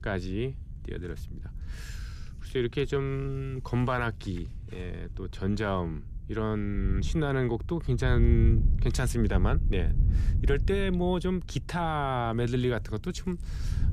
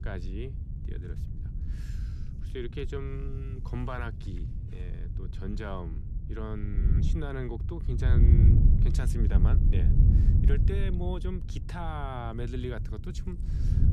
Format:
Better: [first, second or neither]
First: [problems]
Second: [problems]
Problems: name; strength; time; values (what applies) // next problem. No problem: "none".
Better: first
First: wind noise on the microphone; occasional gusts; 15 dB below the speech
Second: wind noise on the microphone; heavy; 4 dB below the speech